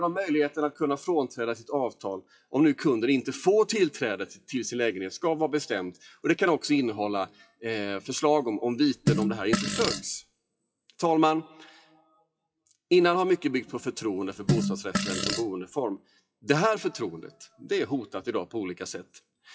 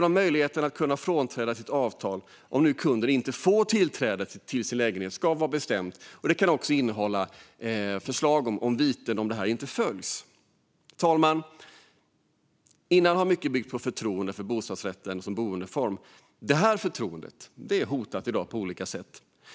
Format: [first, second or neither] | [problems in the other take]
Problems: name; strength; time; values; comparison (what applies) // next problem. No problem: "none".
second | noise reduction (classical method WPE with log-MMSE)